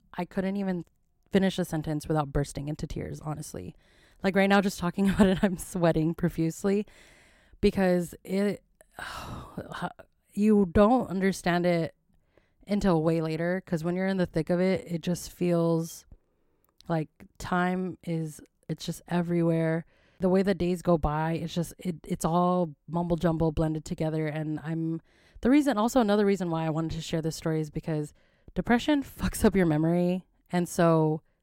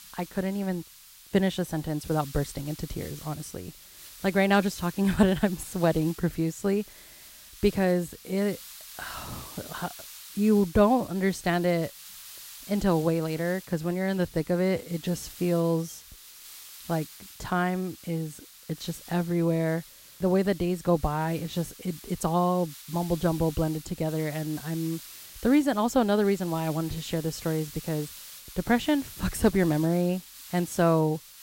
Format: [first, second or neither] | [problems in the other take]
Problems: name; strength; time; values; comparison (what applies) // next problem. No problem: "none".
first | hiss; noticeable; throughout; 15 dB below the speech